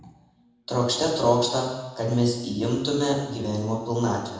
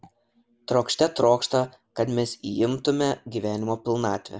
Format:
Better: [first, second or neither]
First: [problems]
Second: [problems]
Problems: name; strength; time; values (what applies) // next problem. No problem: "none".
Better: second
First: room echo; dies away in 1 s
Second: none